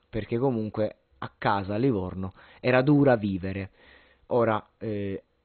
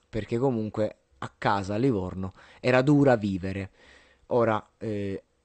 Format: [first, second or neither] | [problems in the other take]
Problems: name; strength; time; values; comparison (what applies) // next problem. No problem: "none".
second | garbled, watery; badly; nothing above 4 kHz; slightly in the second